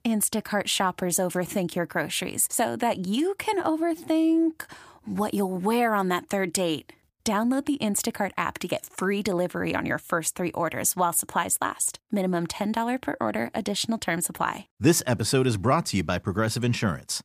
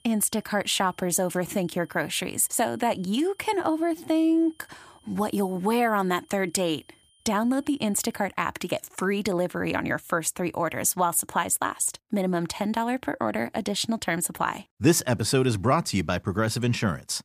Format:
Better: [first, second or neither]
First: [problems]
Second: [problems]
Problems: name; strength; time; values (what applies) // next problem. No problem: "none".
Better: first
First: none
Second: high-pitched whine; faint; until 8.5 s; 3 kHz, 35 dB below the speech